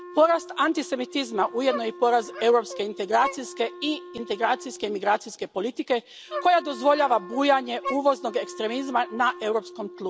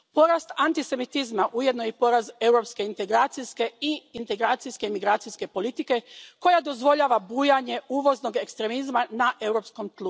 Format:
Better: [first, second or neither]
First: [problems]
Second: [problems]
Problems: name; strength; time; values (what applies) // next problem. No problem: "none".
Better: second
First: background sound (Wind instrument, woodwind instrument + Dog); 14 dB below the speech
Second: none